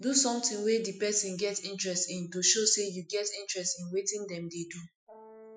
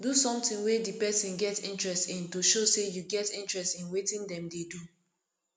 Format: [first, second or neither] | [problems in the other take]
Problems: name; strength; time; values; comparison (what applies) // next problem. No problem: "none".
second | noise reduction (classical method Wiener filter)